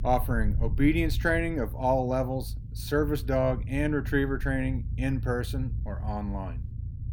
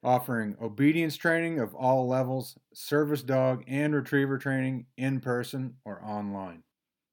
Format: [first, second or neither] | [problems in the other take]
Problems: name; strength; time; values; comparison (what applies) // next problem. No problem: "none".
second | low rumble; noticeable; throughout; 20 dB below the speech